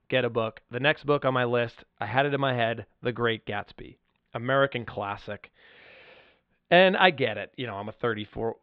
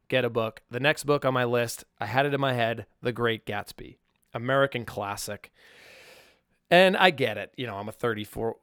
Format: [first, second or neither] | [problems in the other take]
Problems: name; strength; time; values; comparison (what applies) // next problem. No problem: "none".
second | muffled; slightly; fading above 3.5 kHz